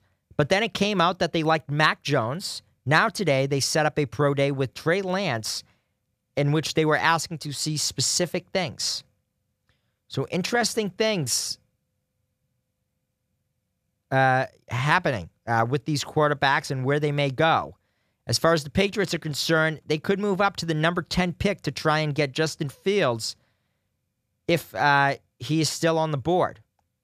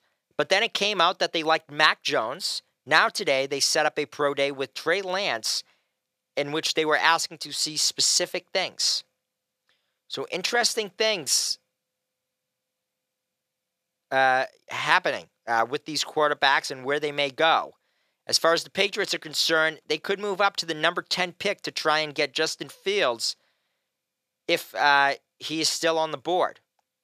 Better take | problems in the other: first | thin; somewhat; fading below 400 Hz

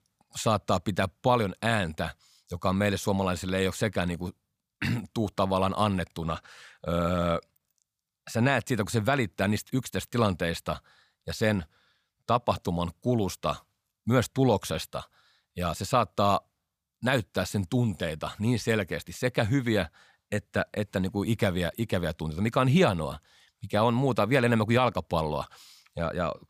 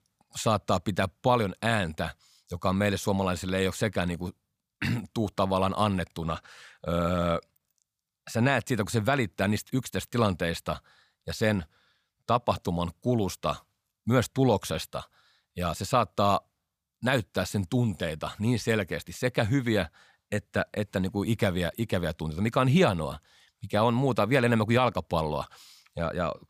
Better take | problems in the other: neither | none

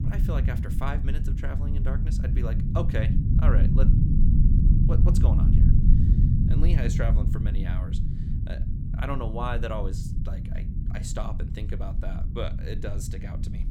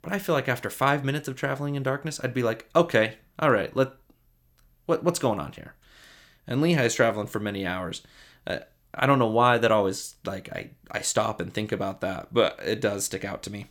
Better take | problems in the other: second | low rumble; loud; throughout; 2 dB below the speech

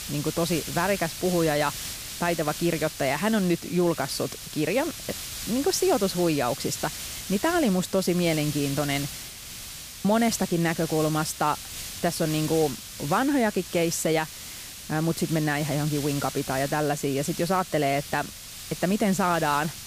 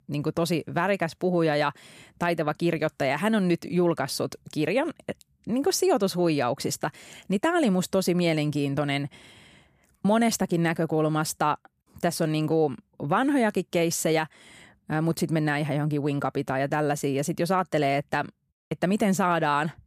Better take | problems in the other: second | hiss; loud; throughout; 9 dB below the speech

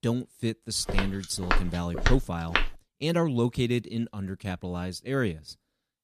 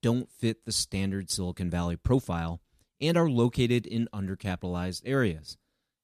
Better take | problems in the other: second | footsteps; loud; from 1 to 2.5 s; peak 1 dB above the speech

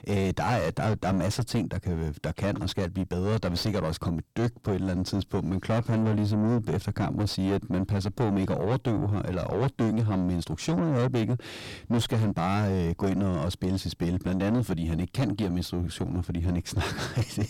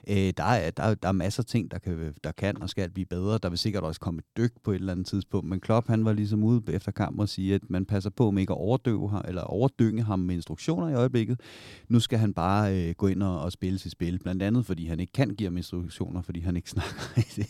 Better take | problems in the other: second | distortion; heavy; 5 dB below the speech

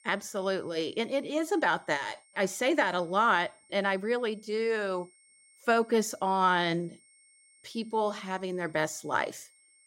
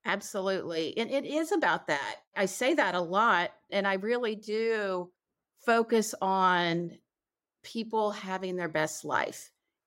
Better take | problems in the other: second | high-pitched whine; faint; throughout; 8.5 kHz, 30 dB below the speech

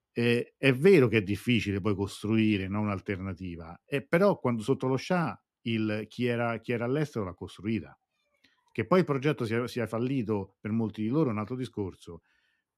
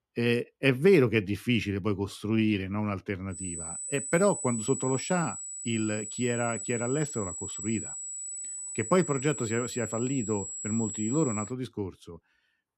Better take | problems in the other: first | high-pitched whine; loud; from 3.5 to 11 s; 7.5 kHz, 6 dB below the speech

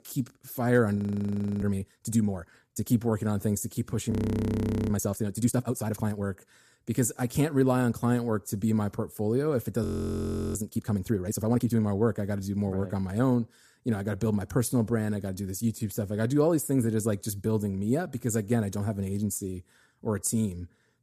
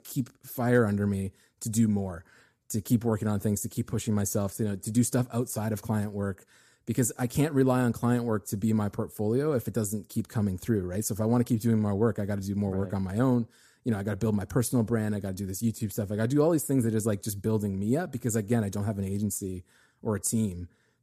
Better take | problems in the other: second | audio freezing; at 1 s for 0.5 s, at 4 s for 1 s and at 10 s for 0.5 s

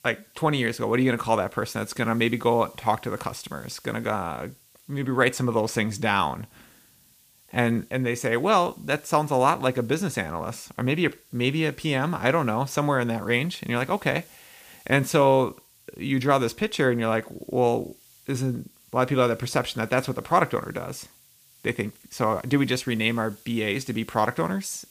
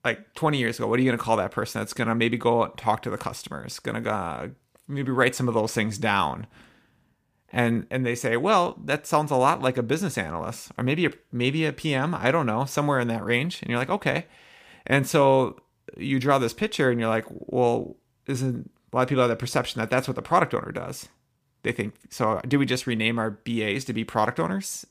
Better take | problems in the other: second | hiss; faint; throughout; 25 dB below the speech

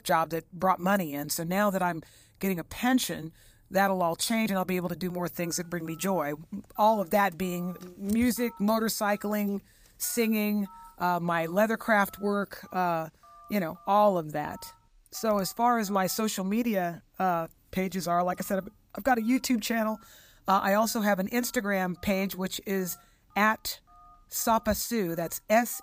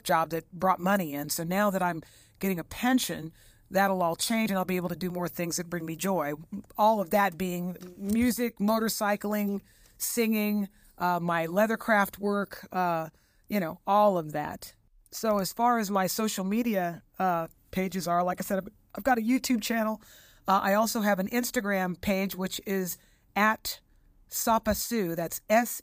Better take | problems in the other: second | alarms or sirens; faint; from 5.5 s on; 30 dB below the speech

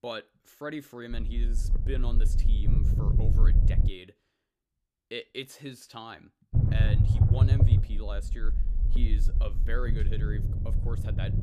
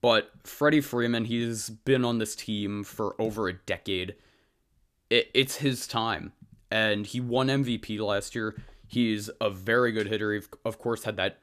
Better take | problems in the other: second | low rumble; loud; from 1 to 4 s and from 6.5 s on; 1 dB below the speech

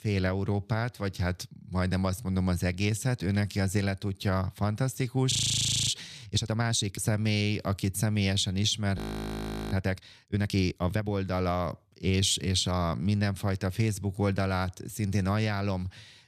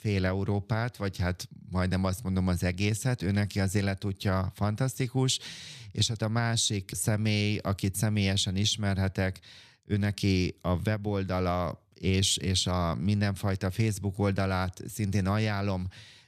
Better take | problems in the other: second | audio freezing; at 5.5 s for 0.5 s and at 9 s for 0.5 s

